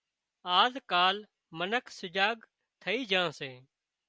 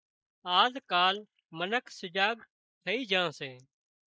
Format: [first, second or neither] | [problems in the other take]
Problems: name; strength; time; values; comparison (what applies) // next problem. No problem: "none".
first | noise reduction (neural mask model Resemble Enhance denoiser)